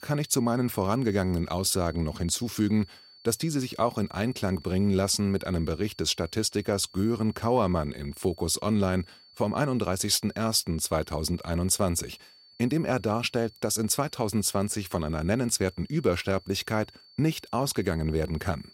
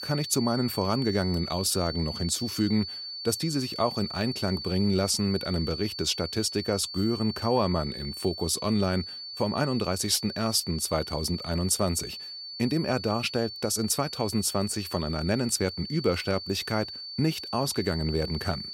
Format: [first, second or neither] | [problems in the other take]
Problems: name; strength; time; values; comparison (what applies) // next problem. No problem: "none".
first | high-pitched whine; loud; throughout; 4.5 kHz, 8 dB below the speech; faint in the first